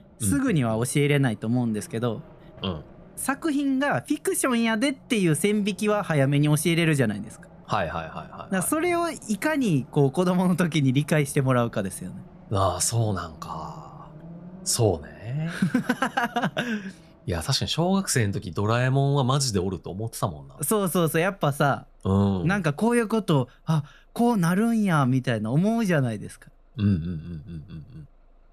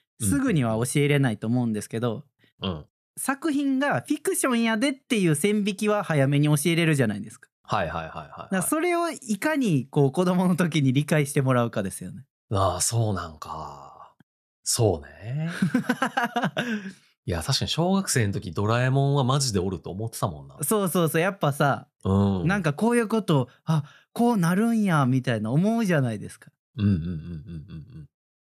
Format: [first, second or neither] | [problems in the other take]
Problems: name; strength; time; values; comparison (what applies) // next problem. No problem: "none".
second | traffic noise; faint; throughout; 25 dB below the speech